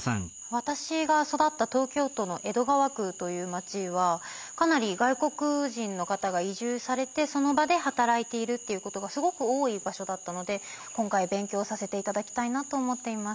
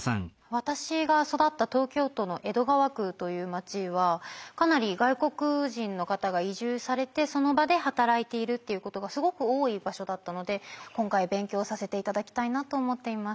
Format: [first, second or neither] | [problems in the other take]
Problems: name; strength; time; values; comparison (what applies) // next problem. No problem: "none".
second | background sound (Cricket / Frog); 15 dB below the speech